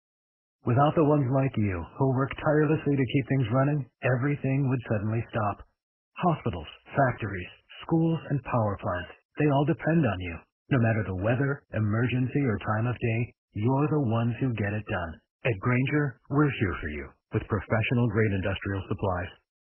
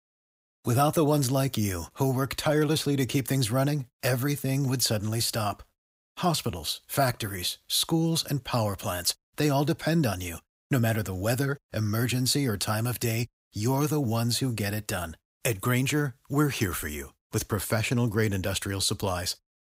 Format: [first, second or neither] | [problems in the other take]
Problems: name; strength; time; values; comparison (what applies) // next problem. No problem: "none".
second | garbled, watery; badly; nothing above 3 kHz